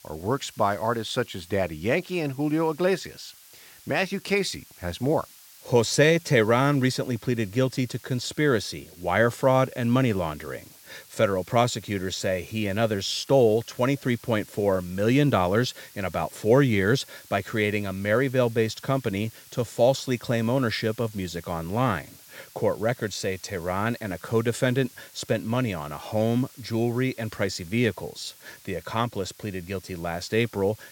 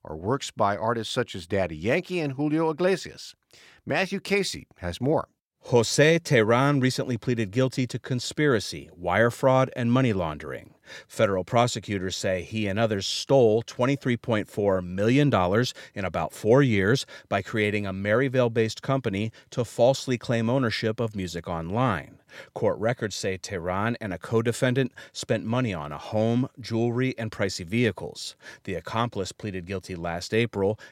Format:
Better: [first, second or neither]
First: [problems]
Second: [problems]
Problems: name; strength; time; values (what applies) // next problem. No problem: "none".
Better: second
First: hiss; faint; throughout; 20 dB below the speech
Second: none